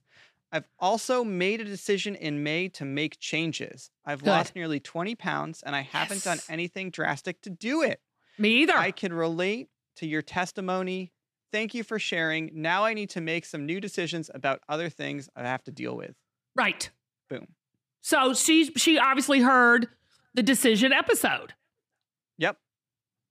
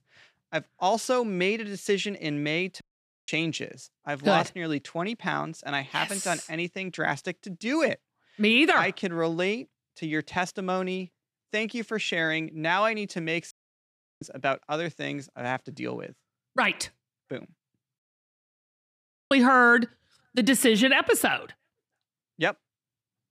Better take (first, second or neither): first